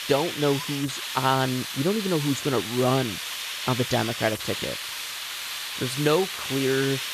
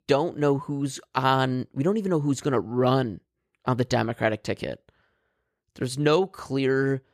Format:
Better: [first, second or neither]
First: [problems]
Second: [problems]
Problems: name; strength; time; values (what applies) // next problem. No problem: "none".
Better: second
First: hiss; loud; throughout; 4 dB below the speech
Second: none